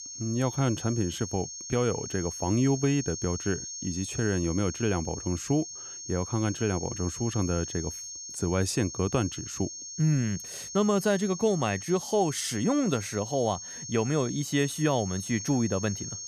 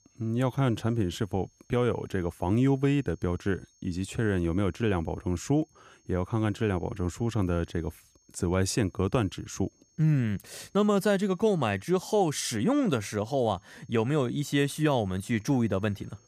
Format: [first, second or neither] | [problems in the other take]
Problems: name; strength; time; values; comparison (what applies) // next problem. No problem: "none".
second | high-pitched whine; loud; throughout; 6.5 kHz, 8 dB below the speech; faint in the second